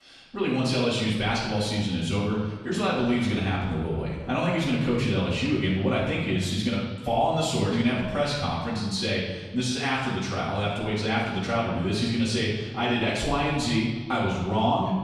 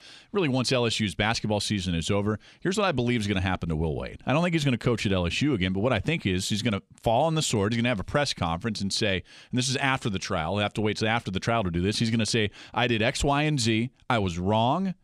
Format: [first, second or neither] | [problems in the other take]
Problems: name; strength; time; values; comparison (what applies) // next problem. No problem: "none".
second | room echo; noticeable; dies away in 1.3 s // off-mic speech; far